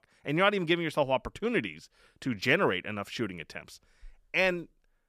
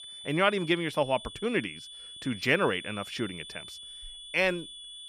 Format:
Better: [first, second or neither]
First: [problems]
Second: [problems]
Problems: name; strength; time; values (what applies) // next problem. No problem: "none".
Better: first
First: none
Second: high-pitched whine; noticeable; throughout; 3.5 kHz, 15 dB below the speech